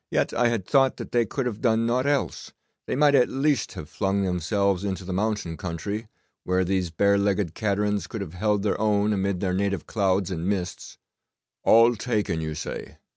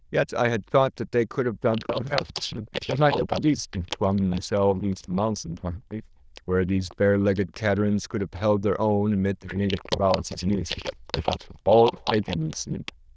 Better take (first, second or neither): first